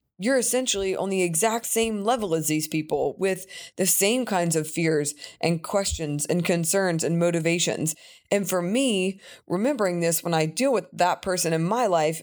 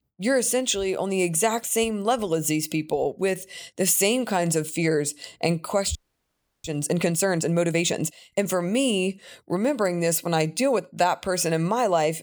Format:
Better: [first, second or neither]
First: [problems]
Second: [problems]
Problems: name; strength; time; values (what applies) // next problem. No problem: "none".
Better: first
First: none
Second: audio freezing; at 6 s for 0.5 s